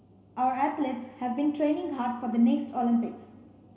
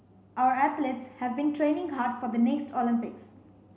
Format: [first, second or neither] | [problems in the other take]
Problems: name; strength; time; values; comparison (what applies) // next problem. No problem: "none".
second | room echo; dies away in 2.7 s